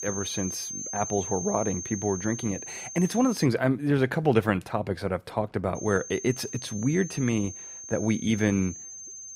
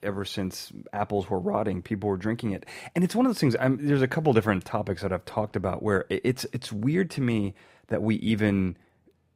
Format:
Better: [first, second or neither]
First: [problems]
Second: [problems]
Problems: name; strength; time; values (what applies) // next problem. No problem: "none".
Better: second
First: high-pitched whine; loud; until 3.5 s and from 6 s on; 6.5 kHz, 8 dB below the speech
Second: none